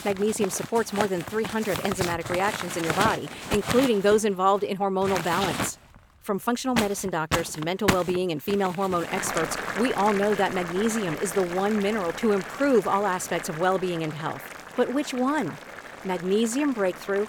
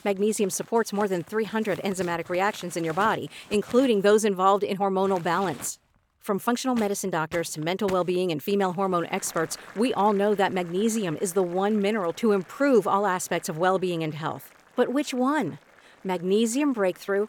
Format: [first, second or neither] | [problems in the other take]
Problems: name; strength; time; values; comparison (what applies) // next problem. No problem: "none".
second | household noises; loud; throughout; 7 dB below the speech; faint in the second